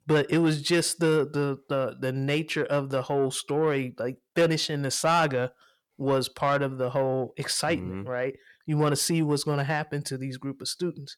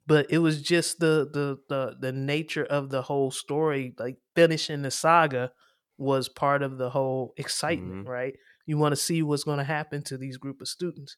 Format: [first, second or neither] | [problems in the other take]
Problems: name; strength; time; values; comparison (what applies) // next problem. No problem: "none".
second | distortion; slight; 10 dB below the speech